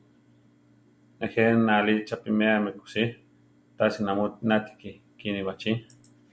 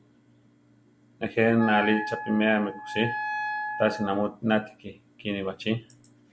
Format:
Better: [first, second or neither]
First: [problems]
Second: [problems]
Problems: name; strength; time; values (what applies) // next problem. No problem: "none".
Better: first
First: none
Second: background sound (Wind instrument, woodwind instrument); 6 dB below the speech